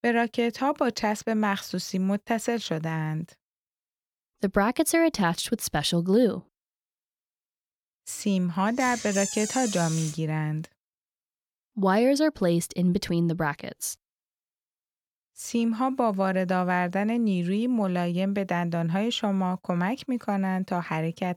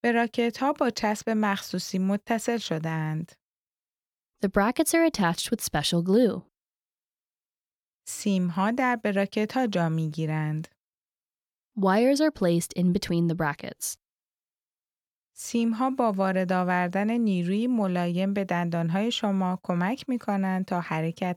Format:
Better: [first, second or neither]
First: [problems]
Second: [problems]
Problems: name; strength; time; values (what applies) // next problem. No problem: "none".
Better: second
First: door banging; noticeable; from 9 to 10 s; peak 4 dB below the speech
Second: none